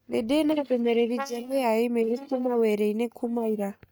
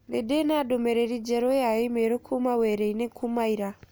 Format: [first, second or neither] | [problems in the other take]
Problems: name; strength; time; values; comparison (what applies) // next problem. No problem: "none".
second | noise reduction (neural mask model DeepFilterNet 3)